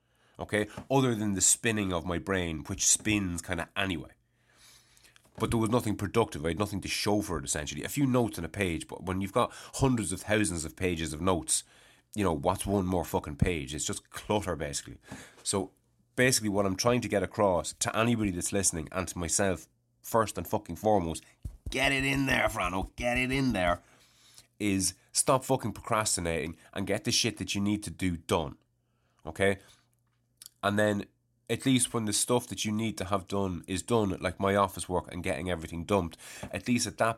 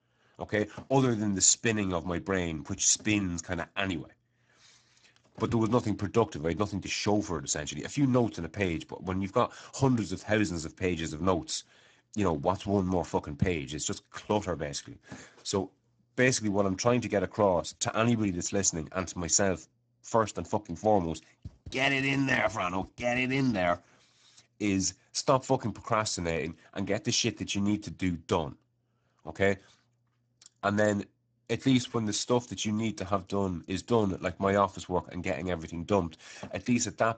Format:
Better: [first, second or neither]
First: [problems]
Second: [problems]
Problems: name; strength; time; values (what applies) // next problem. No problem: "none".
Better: first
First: none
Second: garbled, watery; badly; nothing above 7.5 kHz